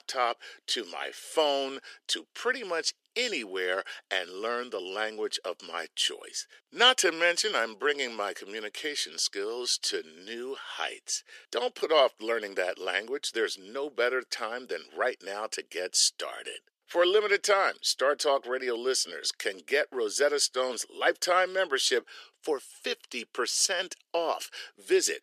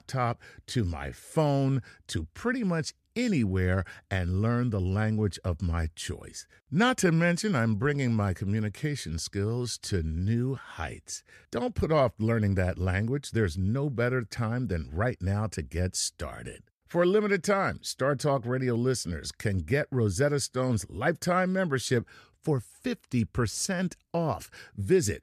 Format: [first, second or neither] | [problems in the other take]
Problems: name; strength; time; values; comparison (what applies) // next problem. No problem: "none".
second | thin; very; fading below 350 Hz